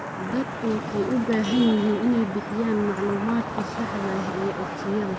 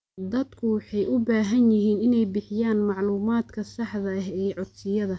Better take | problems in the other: second | background sound (Traffic noise, roadway noise / Vehicle horn, car horn, honking); 6 dB below the speech

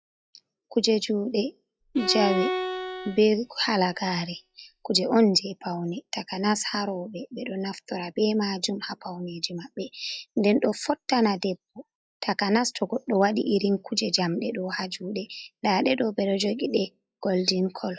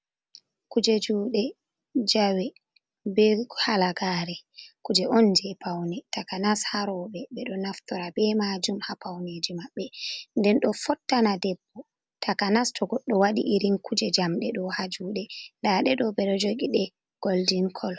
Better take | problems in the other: second | noise reduction (classical method log-MMSE)

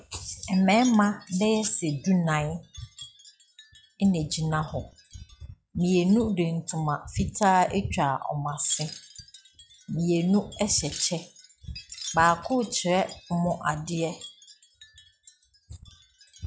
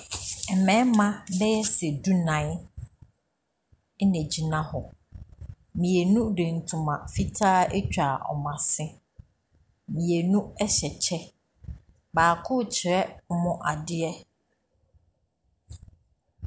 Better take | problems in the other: second | noise reduction (classical method log-MMSE)

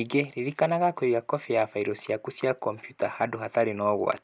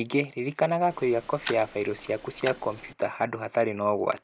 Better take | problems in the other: first | background sound (Tick-tock); 14 dB below the speech

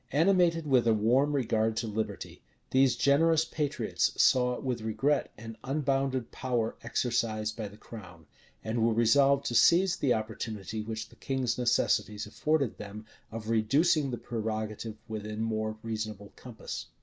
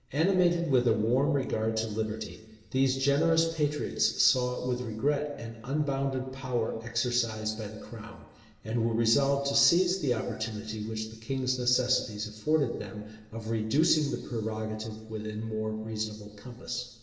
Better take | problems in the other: first | room echo; dies away in 1.4 s

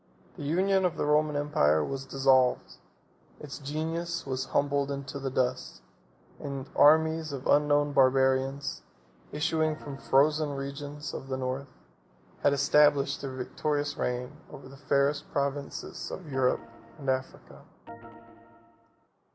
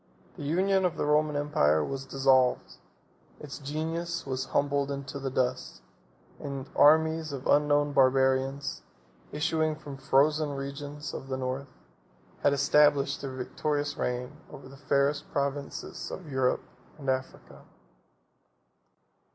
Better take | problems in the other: second | background sound (Organ); 18 dB below the speech

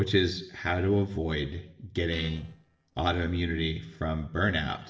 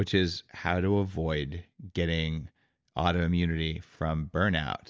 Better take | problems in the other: second | noise reduction (neural separator model SepFormer DNS4)

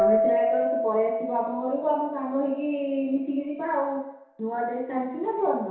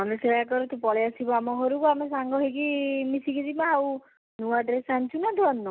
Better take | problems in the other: second | background sound (Keyboard (musical)); 2 dB below the speech // room echo; dies away in 0.7 s

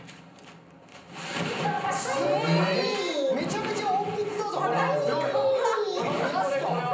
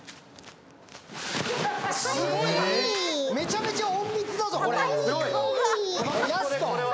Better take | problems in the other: second | room echo; dies away in 0.6 s

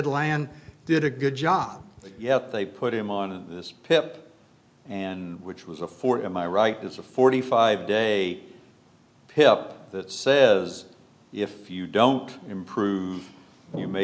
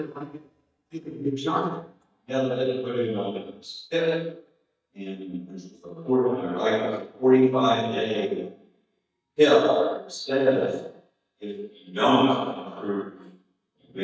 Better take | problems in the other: first | noise reduction (neural mask model DeepFilterNet 3)

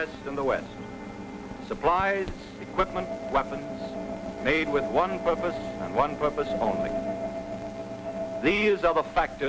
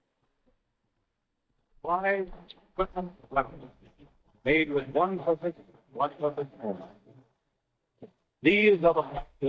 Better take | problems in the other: first | noise reduction (neural mask model DeepFilterNet 3)

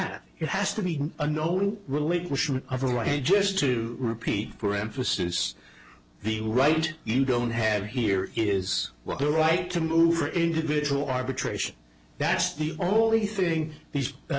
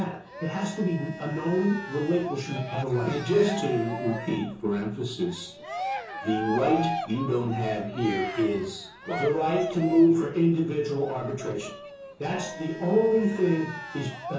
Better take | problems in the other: first | background sound (Cheering); 10 dB below the speech // room echo; dies away in 0.6 s

